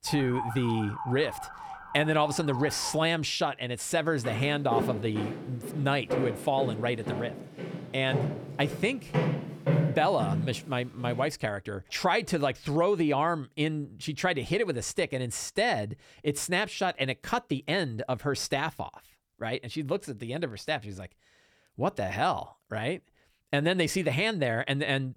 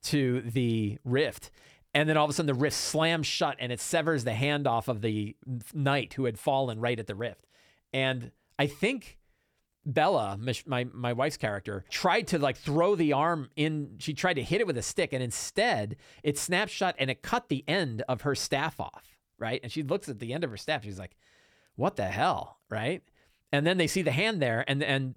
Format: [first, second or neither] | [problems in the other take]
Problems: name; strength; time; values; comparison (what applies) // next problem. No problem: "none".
second | siren; noticeable; until 3 s; peak 6 dB below the speech // footsteps; loud; from 4 to 11 s; peak 3 dB above the speech